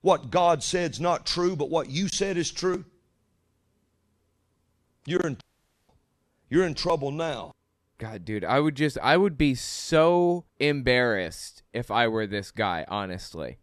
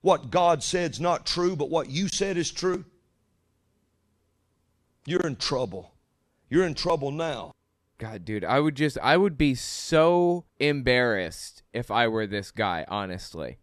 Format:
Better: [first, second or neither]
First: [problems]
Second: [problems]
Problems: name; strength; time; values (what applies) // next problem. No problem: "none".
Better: second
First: audio cutting out; at 5.5 s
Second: none